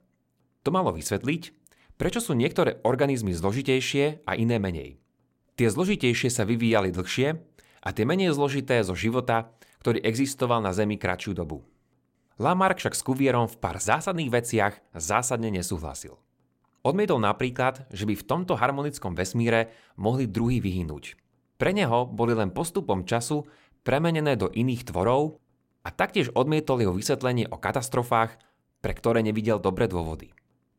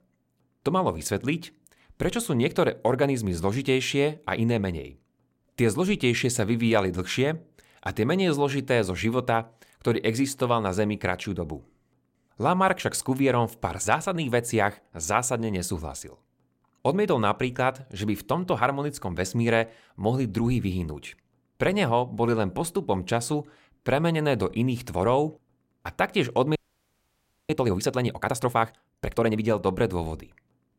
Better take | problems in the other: first | audio freezing; at 27 s for 1 s

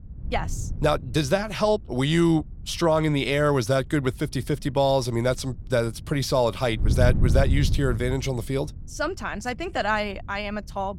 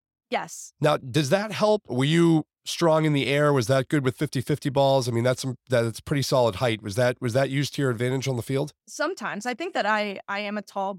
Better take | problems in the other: second | wind noise on the microphone; occasional gusts; 15 dB below the speech

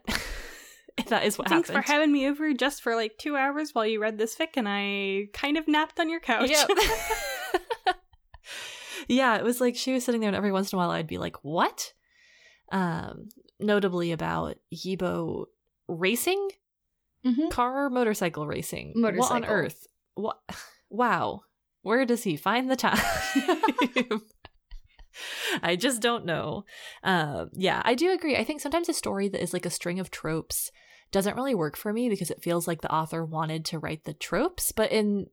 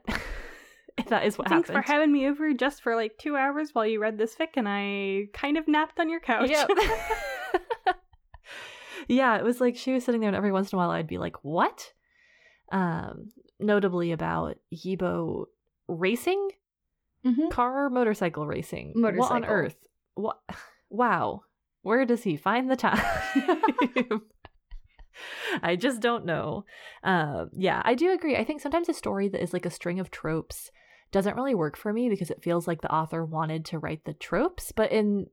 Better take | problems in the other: first | muffled; slightly; fading above 3 kHz

